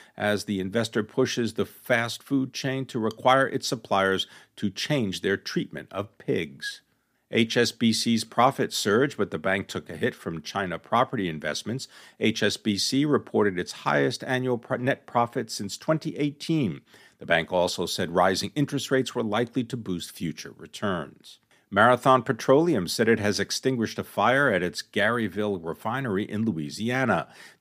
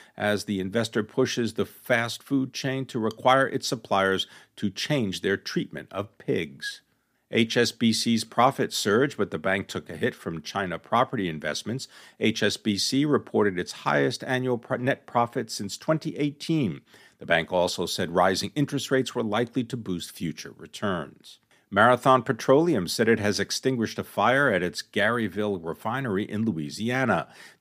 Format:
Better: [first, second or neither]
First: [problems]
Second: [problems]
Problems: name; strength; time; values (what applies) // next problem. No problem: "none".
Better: neither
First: none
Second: none